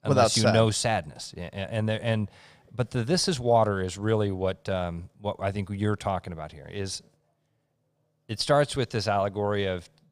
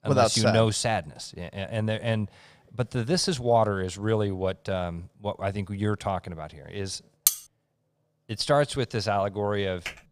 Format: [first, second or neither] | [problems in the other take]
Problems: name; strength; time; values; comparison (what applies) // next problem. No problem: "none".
first | clattering dishes; loud; at 7.5 s; peak 3 dB above the speech // keyboard typing; faint; at 10 s; peak 10 dB below the speech